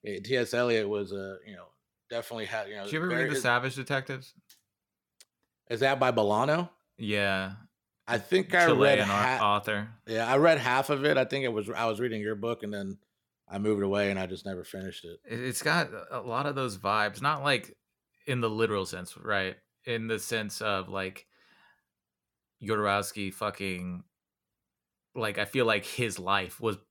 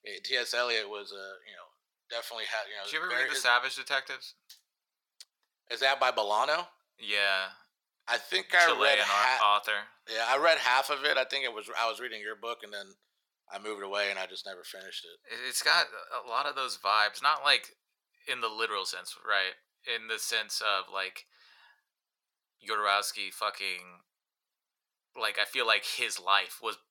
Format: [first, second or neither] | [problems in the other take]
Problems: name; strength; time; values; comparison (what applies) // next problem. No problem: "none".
first | thin; very; fading below 850 Hz